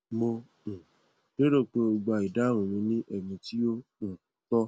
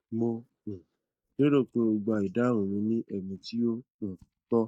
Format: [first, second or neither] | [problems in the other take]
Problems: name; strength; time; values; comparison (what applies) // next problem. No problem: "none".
first | noise reduction (neural mask model DeepFilterNet 3)